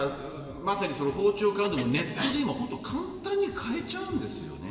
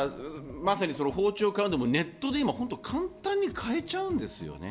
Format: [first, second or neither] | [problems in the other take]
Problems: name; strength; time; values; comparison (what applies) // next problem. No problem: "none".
second | background sound (Scratching (performance technique)); 12 dB below the speech // room echo; dies away in 2.6 s